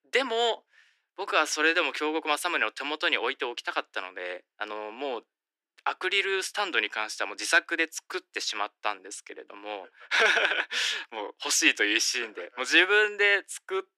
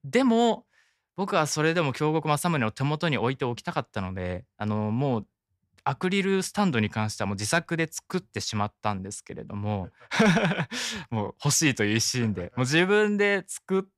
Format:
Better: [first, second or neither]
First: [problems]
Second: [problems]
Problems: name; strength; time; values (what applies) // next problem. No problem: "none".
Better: second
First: thin; very; fading below 300 Hz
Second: none